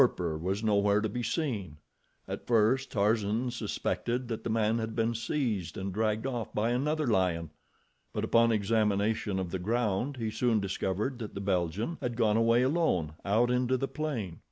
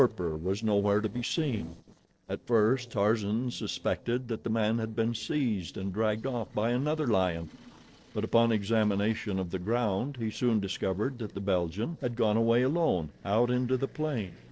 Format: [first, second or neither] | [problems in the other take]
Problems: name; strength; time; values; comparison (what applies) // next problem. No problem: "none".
first | noise reduction (neural separator model SepFormer DNS4)